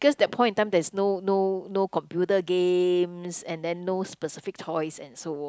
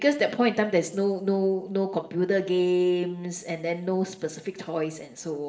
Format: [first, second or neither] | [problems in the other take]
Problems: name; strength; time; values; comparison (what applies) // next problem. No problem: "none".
first | room echo; dies away in 0.6 s